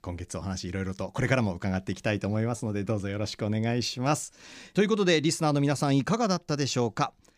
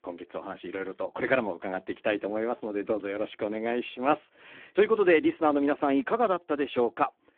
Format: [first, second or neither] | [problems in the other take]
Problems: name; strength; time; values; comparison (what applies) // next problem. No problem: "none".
first | phone-call audio; poor line